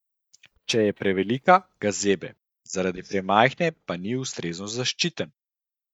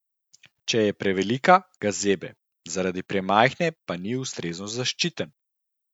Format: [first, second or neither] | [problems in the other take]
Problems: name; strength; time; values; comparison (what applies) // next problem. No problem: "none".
second | noise reduction (neural mask model DeepFilterNet 3)